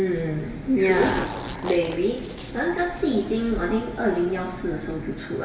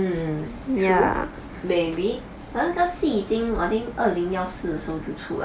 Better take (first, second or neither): second